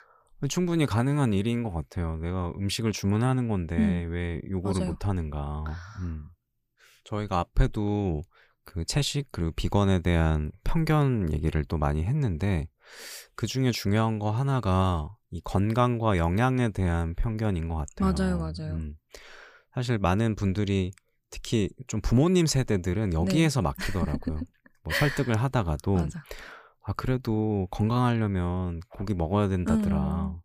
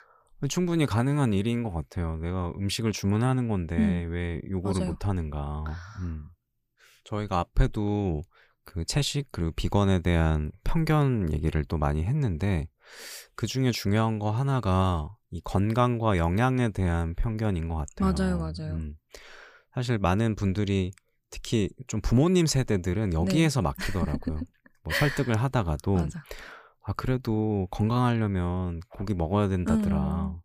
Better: neither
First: none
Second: none

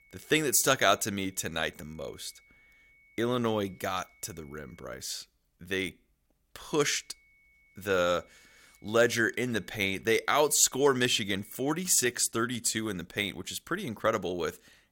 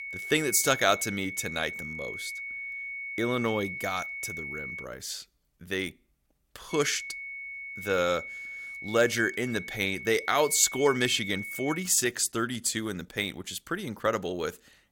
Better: first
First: high-pitched whine; faint; until 5 s and from 6.5 to 12 s; 2 kHz, 35 dB below the speech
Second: high-pitched whine; loud; until 5 s and from 6.5 to 12 s; 2 kHz, 8 dB below the speech

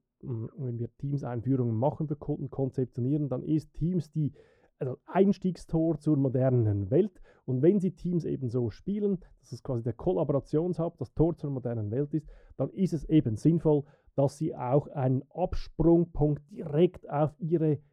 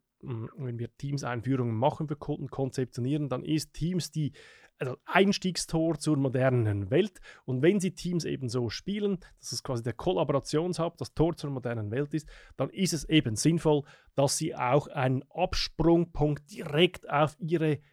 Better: second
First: muffled; very; fading above 1 kHz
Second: none

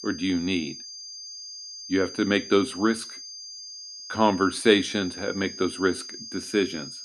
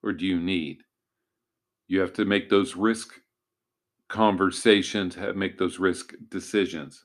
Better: second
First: high-pitched whine; noticeable; throughout; 5 kHz, 10 dB below the speech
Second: none

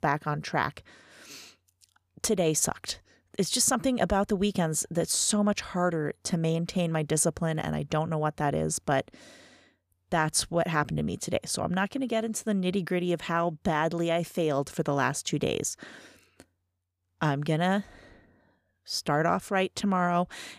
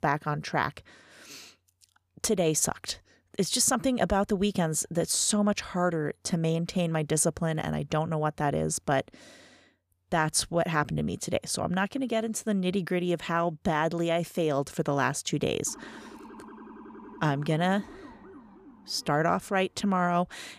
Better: first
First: none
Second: siren; faint; from 16 to 20 s; peak 20 dB below the speech

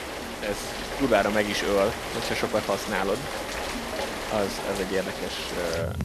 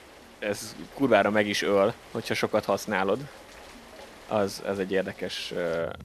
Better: second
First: rain or running water; loud; throughout; 4 dB below the speech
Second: rain or running water; faint; throughout; 20 dB below the speech

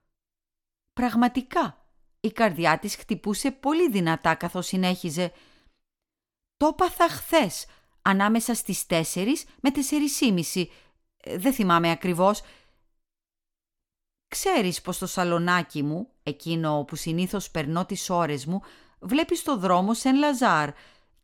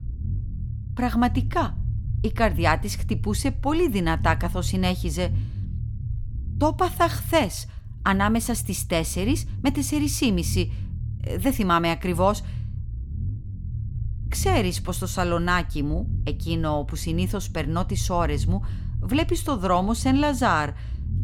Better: first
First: none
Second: low rumble; faint; throughout; 20 dB below the speech

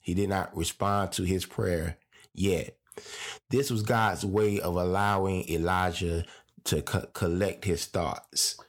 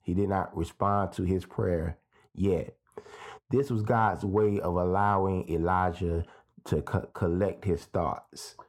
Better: first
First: none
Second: muffled; very; fading above 2 kHz

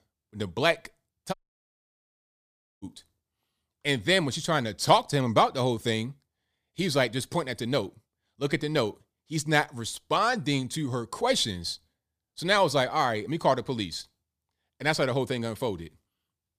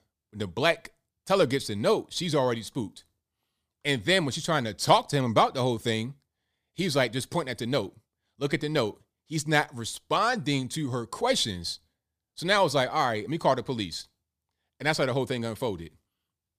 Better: second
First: audio cutting out; at 1.5 s for 1.5 s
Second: none

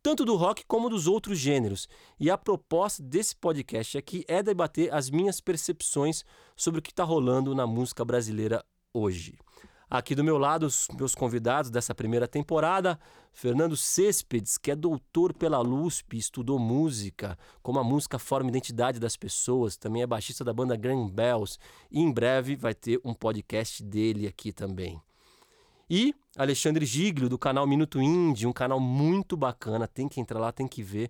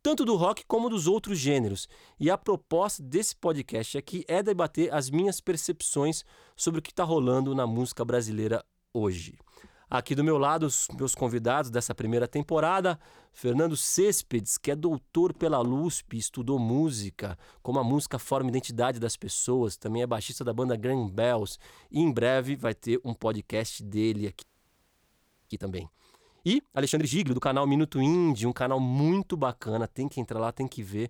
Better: first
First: none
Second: audio freezing; at 24 s for 1 s

